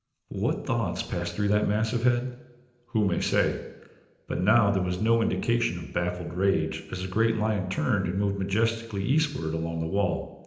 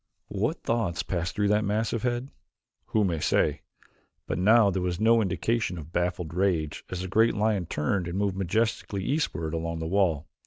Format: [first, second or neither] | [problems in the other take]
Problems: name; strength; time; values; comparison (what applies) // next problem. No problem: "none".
second | room echo; dies away in 0.9 s